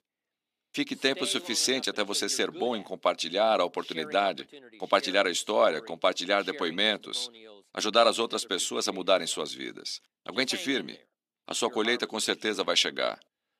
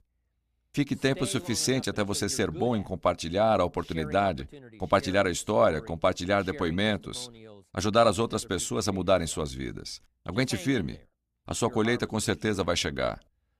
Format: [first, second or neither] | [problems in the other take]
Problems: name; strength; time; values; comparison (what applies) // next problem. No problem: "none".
second | thin; very slightly; fading below 250 Hz